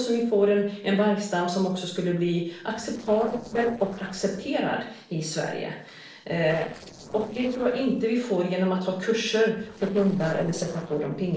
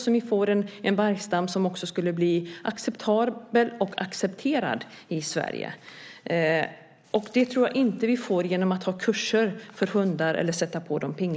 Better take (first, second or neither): second